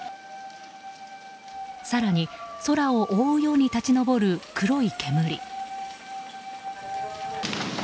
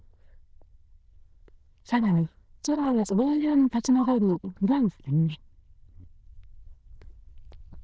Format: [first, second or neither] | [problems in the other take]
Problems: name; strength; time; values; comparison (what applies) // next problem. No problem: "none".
first | noise reduction (neural diffusion model UNIVERSE++)